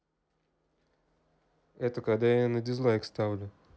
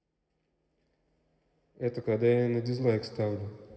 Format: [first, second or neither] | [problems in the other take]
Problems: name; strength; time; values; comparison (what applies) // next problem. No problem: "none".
first | room echo; dies away in 2.1 s